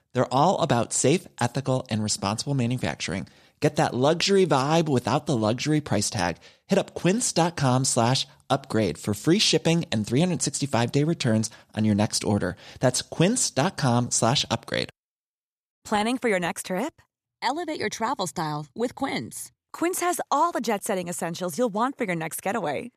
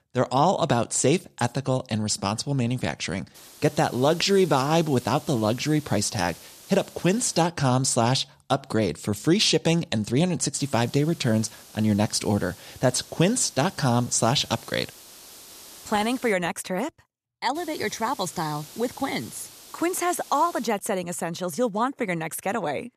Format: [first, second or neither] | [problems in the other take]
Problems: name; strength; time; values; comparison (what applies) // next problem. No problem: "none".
first | hiss; noticeable; from 3.5 to 7.5 s, from 11 to 16 s and from 18 to 21 s; 20 dB below the speech